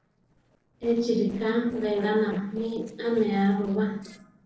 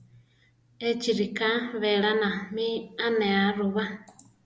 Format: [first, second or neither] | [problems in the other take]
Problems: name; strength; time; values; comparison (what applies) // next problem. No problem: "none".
second | noise reduction (neural separator model SepFormer DNS4)